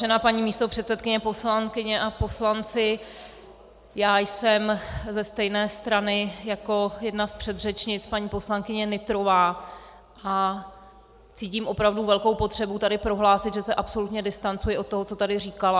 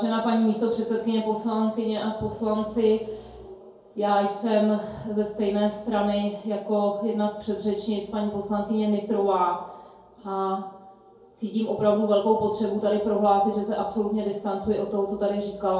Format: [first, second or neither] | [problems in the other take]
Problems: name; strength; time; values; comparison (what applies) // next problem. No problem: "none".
first | room echo; dies away in 2.3 s